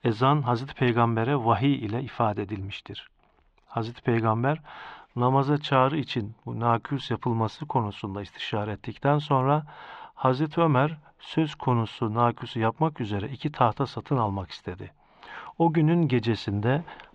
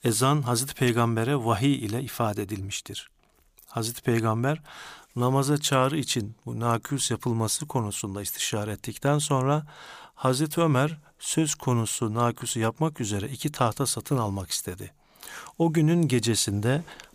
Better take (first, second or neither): second